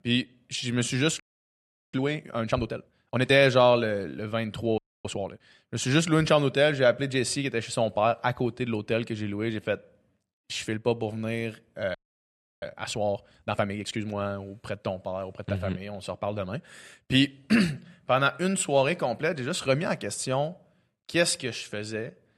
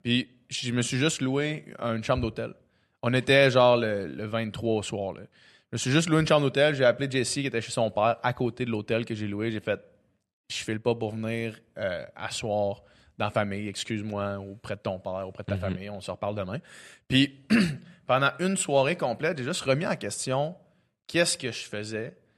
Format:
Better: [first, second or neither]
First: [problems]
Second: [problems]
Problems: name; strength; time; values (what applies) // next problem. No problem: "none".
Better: second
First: audio freezing; at 1 s for 0.5 s, at 5 s and at 12 s for 0.5 s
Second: none